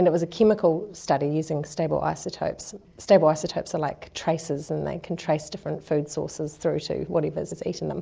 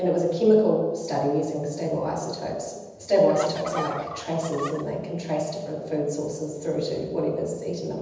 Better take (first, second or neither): first